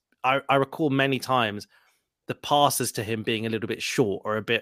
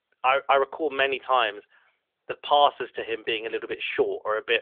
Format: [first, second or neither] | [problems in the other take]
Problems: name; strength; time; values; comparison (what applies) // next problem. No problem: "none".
first | phone-call audio; nothing above 3.5 kHz